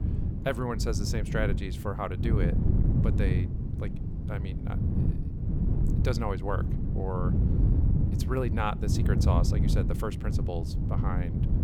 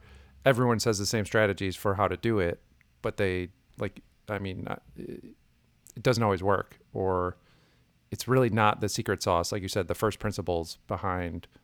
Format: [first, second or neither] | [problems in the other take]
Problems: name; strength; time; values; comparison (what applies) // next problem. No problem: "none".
second | wind noise on the microphone; heavy; 5 dB below the speech